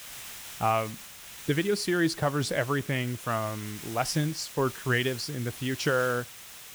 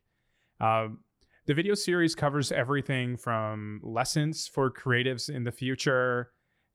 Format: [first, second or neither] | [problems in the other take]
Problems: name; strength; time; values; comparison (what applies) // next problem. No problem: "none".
second | hiss; noticeable; throughout; 10 dB below the speech